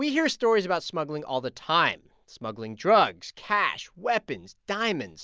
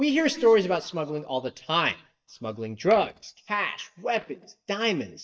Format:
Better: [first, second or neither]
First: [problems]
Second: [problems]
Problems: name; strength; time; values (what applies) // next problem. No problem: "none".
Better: first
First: none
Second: noise reduction (neural mask model DeepFilterNet 3)